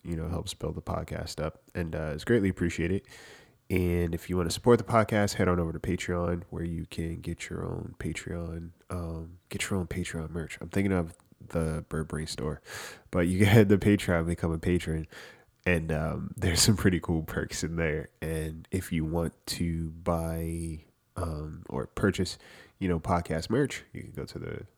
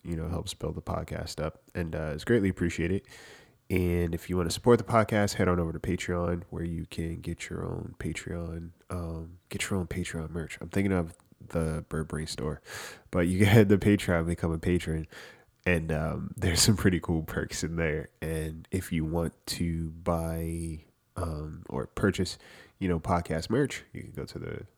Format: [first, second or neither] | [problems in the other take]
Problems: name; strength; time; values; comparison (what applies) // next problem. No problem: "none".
neither | none